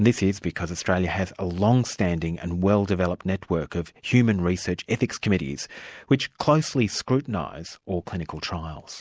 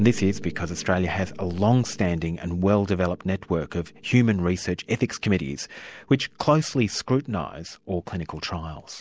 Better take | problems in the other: first | background sound (Piano); 17 dB below the speech

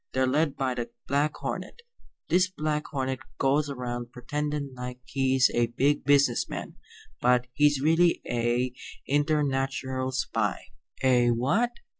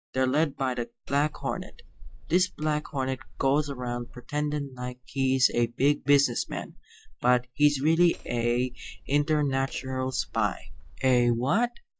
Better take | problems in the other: first | noise reduction (neural mask model DeepFilterNet 3)

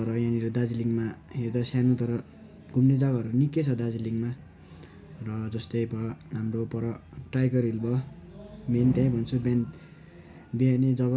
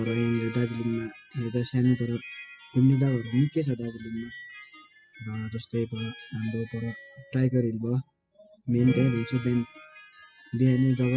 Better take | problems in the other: first | noise reduction (classical method spectral subtraction)

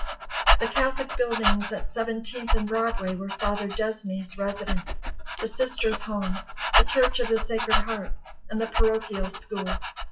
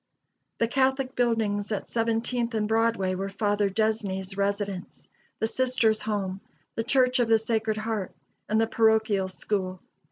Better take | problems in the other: second | noise reduction (classical method WPE with log-MMSE)

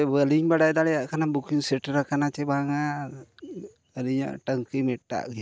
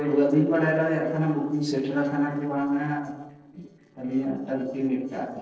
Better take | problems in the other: first | noise reduction (neural separator model SepFormer DNS4)

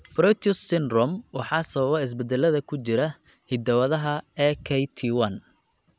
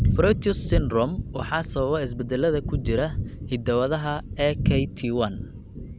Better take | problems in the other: first | background sound (Thunder); 3 dB below the speech

